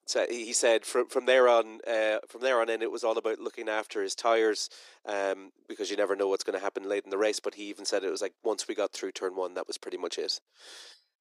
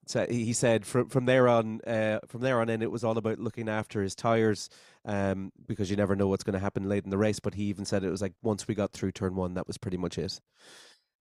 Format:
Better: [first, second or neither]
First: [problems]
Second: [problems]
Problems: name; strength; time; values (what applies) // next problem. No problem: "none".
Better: second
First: thin; very; fading below 350 Hz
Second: none